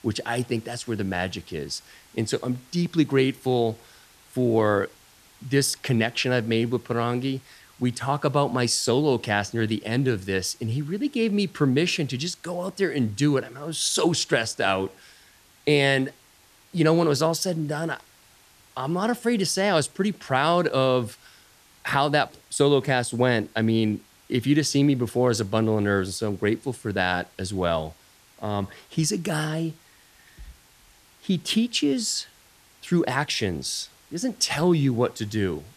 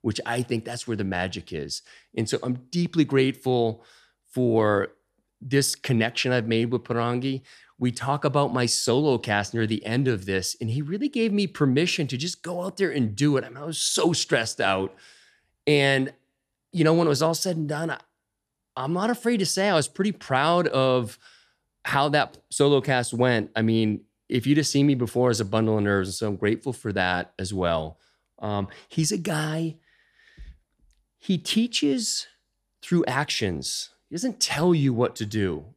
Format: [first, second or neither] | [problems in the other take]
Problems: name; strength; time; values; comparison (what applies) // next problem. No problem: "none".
second | hiss; faint; throughout; 30 dB below the speech